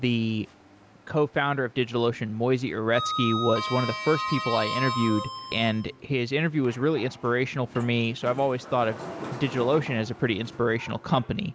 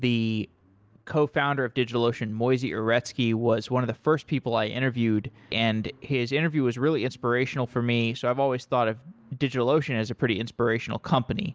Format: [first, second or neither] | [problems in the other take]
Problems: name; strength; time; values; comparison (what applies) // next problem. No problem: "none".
second | background sound (Sliding door); 10 dB below the speech